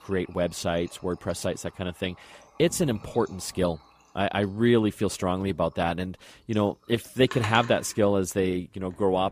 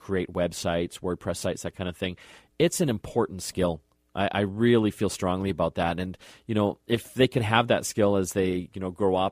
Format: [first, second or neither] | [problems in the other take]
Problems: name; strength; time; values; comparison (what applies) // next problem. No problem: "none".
second | household noises; noticeable; throughout; 20 dB below the speech